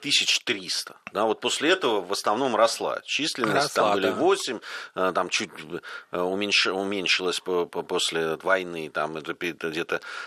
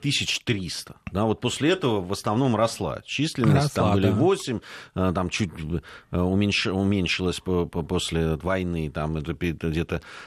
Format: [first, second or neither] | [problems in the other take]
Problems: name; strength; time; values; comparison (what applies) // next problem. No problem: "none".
second | thin; very; fading below 500 Hz